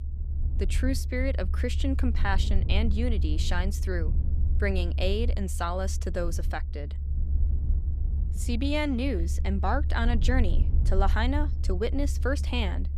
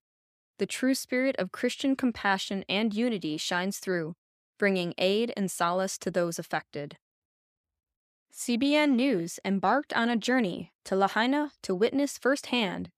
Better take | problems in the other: second | low rumble; noticeable; throughout; 15 dB below the speech

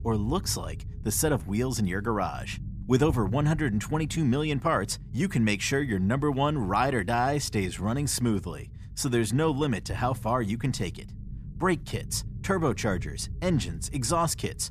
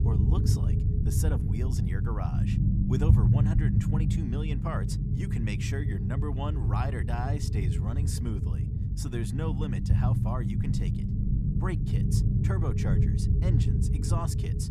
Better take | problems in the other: first | low rumble; loud; throughout; as loud as the speech; faint in the first

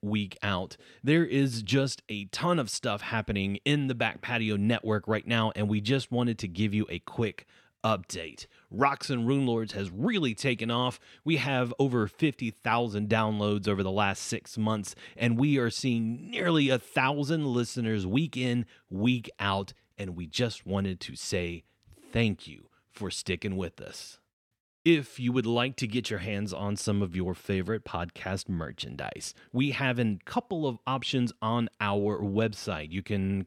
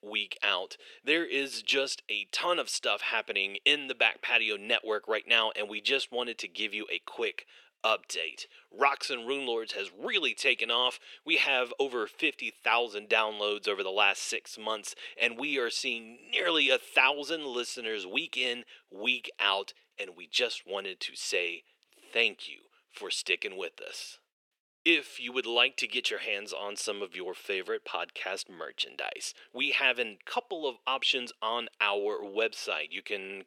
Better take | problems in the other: first | thin; very; fading below 400 Hz

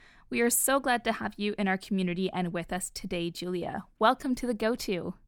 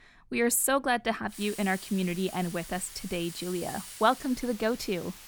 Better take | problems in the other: first | hiss; noticeable; from 1.5 s on; 15 dB below the speech

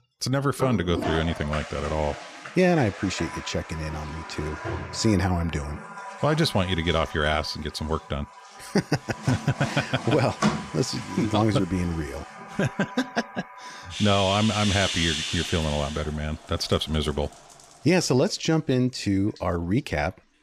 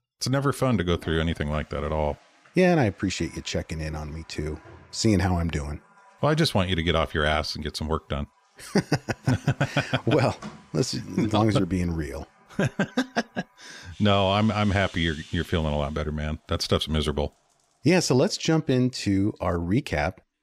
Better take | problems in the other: second | household noises; loud; throughout; 8 dB below the speech; faint in the second

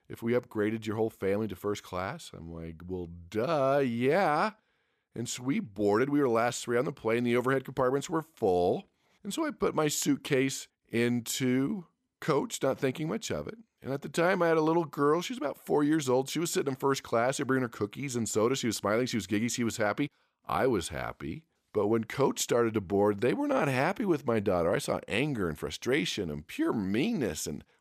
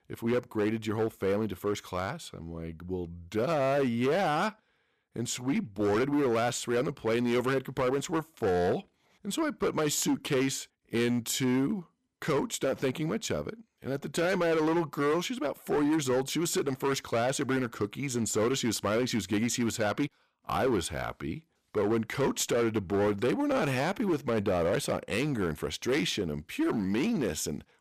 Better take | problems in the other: first | distortion; slight; 11% of the sound clipped

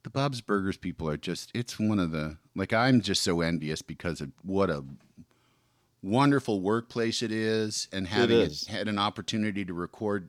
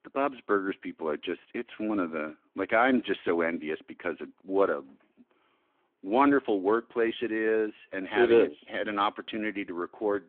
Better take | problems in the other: first | phone-call audio

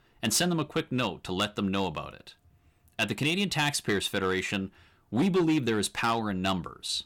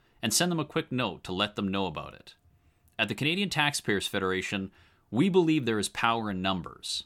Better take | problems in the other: second | distortion; slight; 4% of the sound clipped

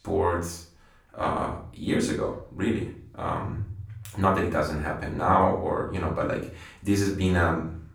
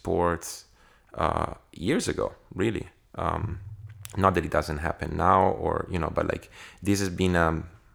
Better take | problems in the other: second | off-mic speech; far // room echo; slight; dies away in 0.4 s

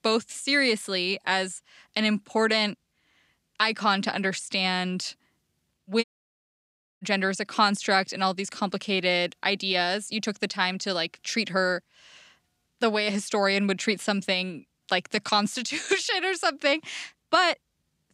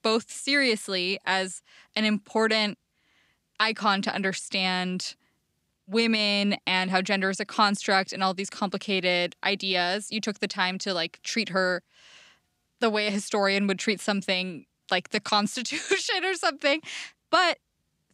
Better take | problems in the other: second | audio cutting out; at 6 s for 1 s

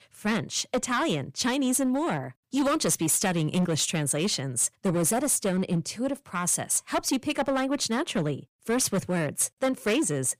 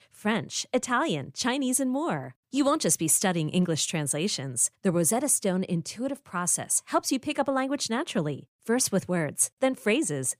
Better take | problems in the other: second | distortion; slight; 11% of the sound clipped

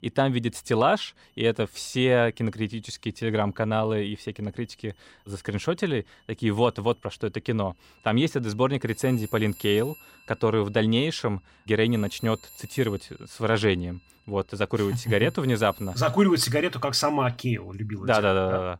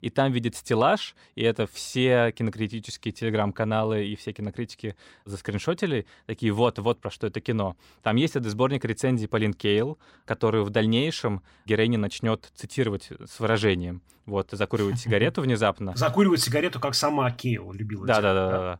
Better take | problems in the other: second | alarms or sirens; faint; throughout; 25 dB below the speech

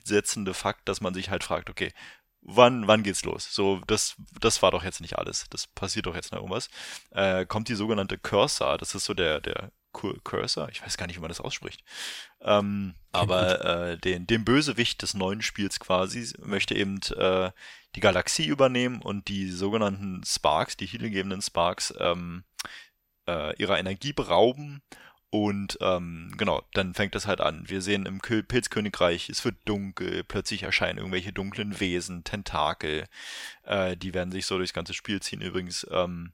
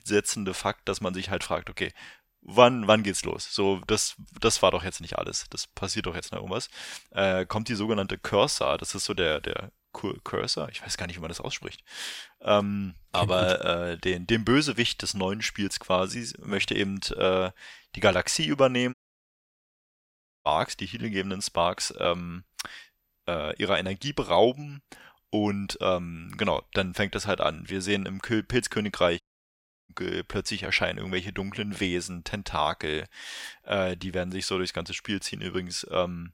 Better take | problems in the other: first | audio cutting out; at 19 s for 1.5 s and at 29 s for 0.5 s

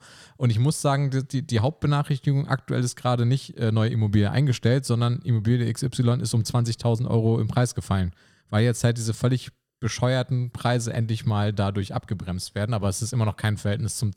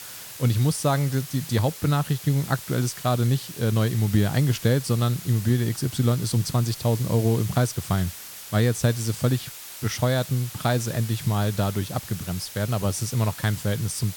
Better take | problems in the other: first | hiss; noticeable; throughout; 10 dB below the speech

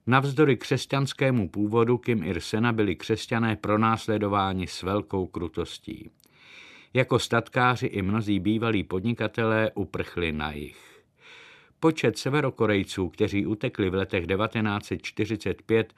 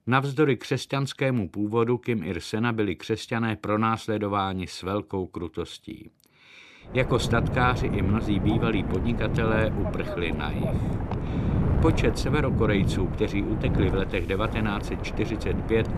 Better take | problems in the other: first | wind noise on the microphone; heavy; from 7 s on; 7 dB below the speech

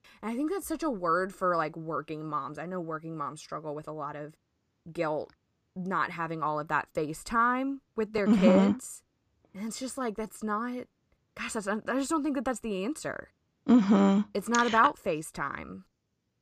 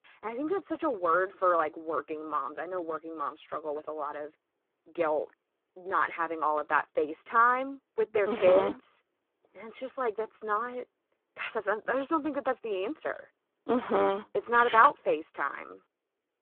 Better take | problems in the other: first | phone-call audio; poor line

